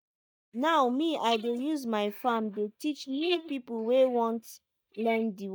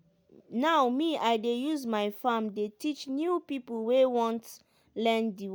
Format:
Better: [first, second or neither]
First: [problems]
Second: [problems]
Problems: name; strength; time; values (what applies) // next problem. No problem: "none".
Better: second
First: noise reduction (neural mask model DeepFilterNet 3)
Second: none